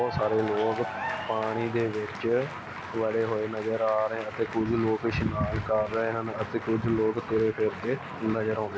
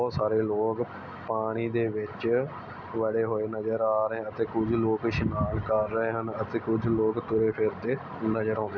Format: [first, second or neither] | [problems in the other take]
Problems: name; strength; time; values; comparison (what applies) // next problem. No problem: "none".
second | background sound (Applause / Cheering); 11 dB below the speech